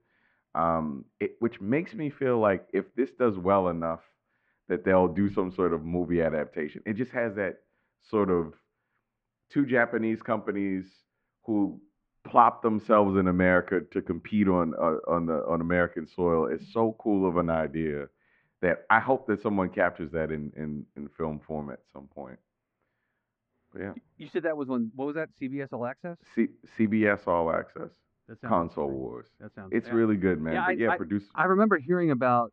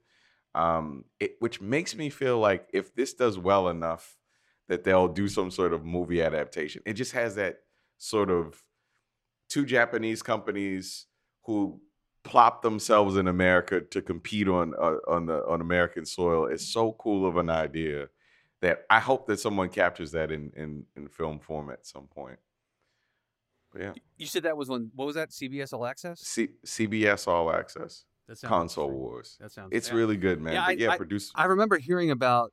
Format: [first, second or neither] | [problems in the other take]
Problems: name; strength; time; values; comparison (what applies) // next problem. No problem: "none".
second | muffled; very; fading above 2 kHz